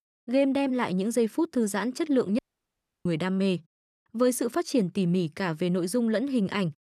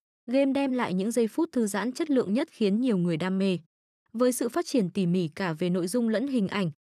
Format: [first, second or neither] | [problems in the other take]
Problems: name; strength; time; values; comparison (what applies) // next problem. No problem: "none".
second | audio cutting out; at 2.5 s for 0.5 s